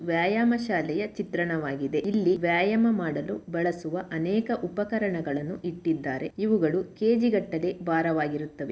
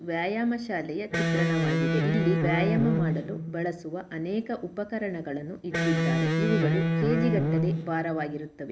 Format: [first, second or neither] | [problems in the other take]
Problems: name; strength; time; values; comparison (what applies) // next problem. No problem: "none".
first | background sound (Electric guitar); 4 dB above the speech